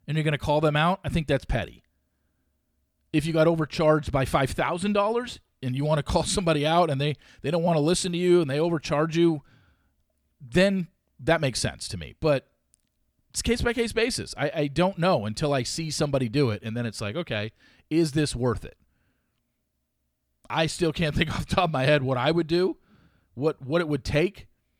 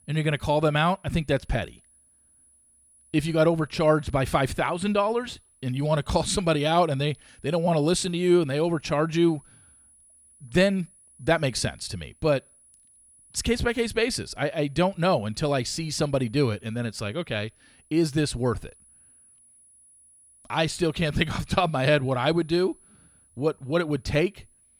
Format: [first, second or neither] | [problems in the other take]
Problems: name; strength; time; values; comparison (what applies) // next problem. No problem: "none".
first | high-pitched whine; faint; throughout; 10 kHz, 30 dB below the speech